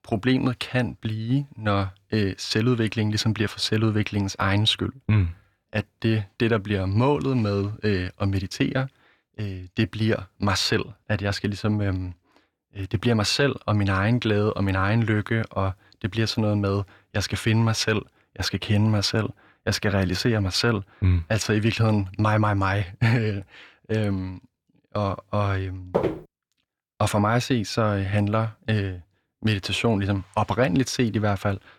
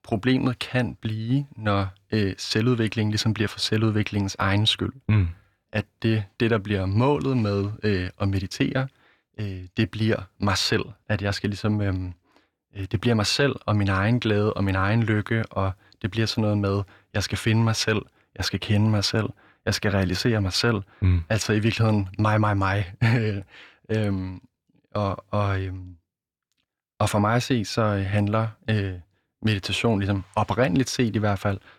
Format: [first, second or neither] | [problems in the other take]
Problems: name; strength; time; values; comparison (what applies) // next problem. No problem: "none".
second | footsteps; noticeable; at 26 s; peak 2 dB below the speech